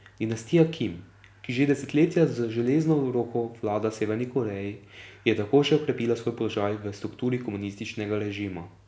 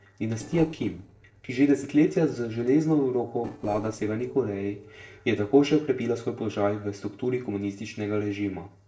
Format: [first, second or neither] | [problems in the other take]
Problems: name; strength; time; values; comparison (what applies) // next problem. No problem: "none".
first | noise reduction (neural separator model SepFormer DNS4)